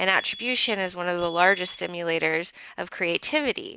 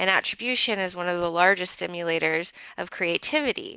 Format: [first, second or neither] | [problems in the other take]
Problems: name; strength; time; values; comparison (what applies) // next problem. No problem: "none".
second | background sound (Alarm); 17 dB below the speech